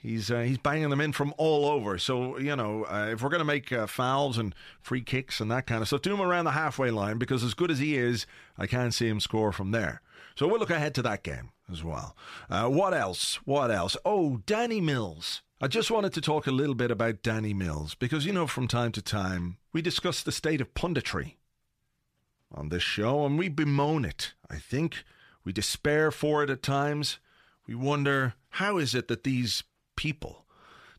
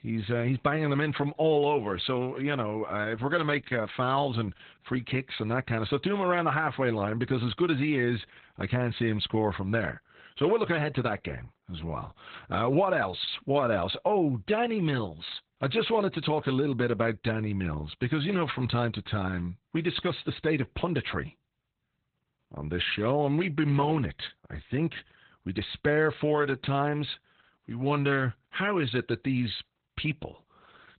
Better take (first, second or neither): first